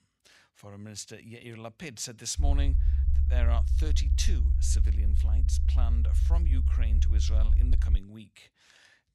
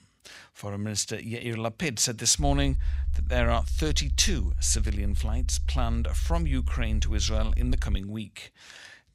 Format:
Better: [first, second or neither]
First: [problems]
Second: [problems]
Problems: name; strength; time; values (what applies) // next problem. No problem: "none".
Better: second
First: low rumble; loud; from 2.5 to 8 s; 6 dB below the speech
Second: low rumble; faint; from 2.5 to 8 s; 20 dB below the speech